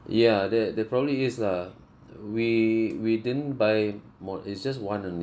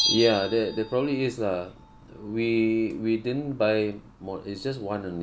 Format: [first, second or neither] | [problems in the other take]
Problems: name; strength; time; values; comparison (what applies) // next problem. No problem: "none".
first | background sound (Bell); 10 dB below the speech